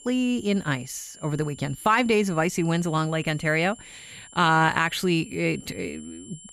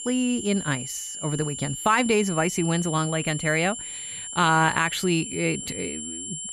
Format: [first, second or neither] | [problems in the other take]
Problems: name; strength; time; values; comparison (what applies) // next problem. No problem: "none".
first | high-pitched whine; loud; throughout; 7.5 kHz, 8 dB below the speech; faint in the first